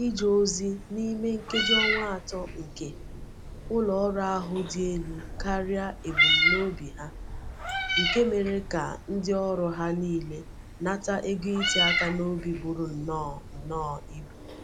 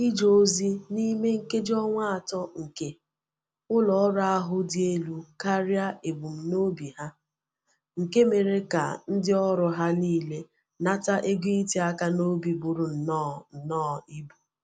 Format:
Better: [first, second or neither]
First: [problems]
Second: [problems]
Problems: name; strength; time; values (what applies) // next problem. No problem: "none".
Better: second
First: background sound (Meow); 2 dB below the speech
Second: none